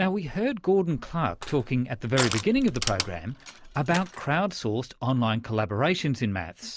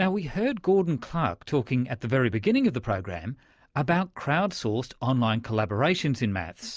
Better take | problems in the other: second | background sound (Crushing); 9 dB below the speech

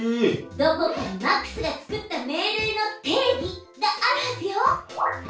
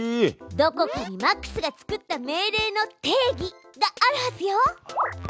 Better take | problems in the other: second | room echo; dies away in 0.3 s

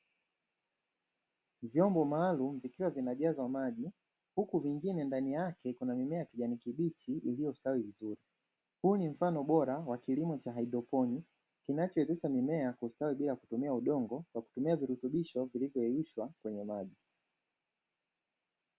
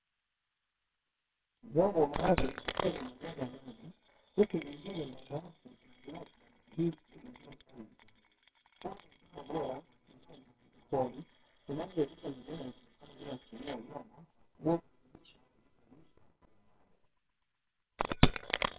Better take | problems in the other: first | noise reduction (neural separator model SepFormer WHAMR!)

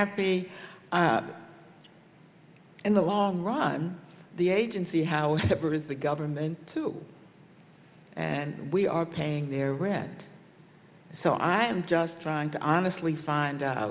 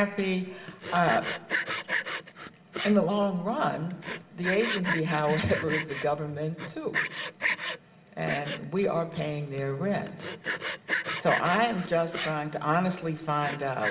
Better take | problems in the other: first | background sound (Sawing); 6 dB below the speech // room echo; dies away in 2.9 s

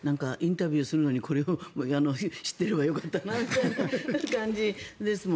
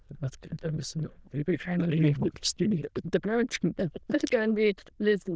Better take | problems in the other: first | noise reduction (neural diffusion model UNIVERSE++)

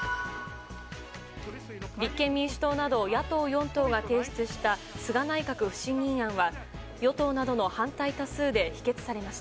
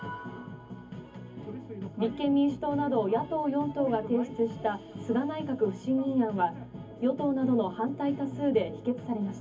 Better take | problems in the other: first | room echo; dies away in 0.3 s

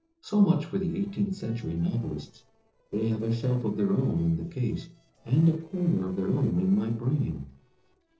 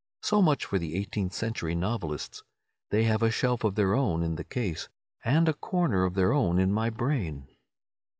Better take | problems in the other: second | noise reduction (neural separator model SepFormer DNS4)

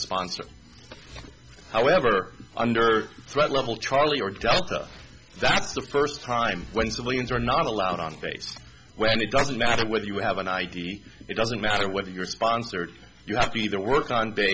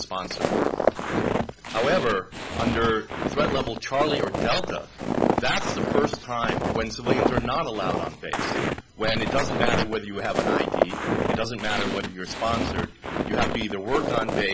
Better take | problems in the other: first | background sound (Walk, footsteps); 1 dB above the speech

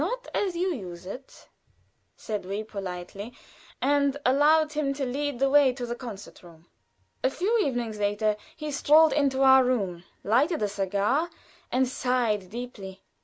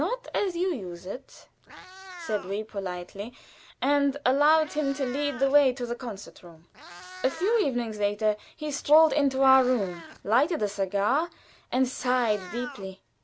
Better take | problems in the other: first | background sound (Meow); 20 dB below the speech

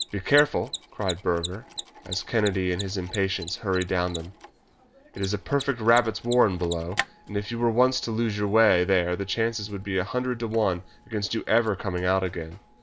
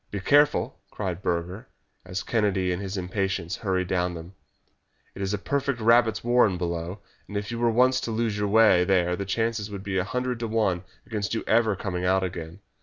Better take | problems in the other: second | background sound (Mechanisms); 15 dB below the speech

